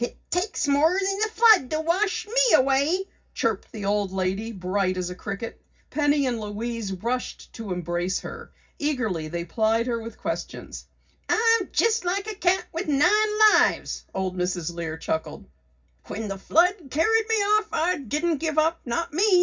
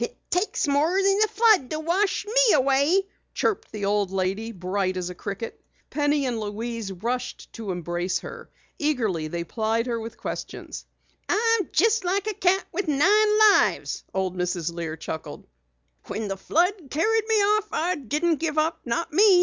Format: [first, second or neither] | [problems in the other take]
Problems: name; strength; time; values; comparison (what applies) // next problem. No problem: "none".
second | room echo; dies away in 0.4 s